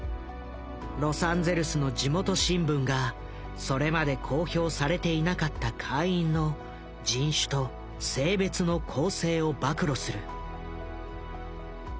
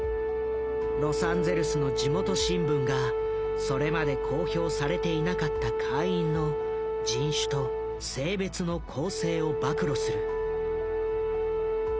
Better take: first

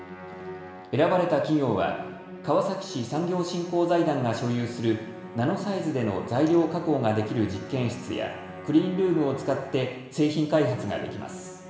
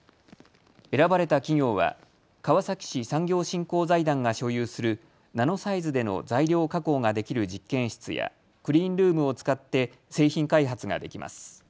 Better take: second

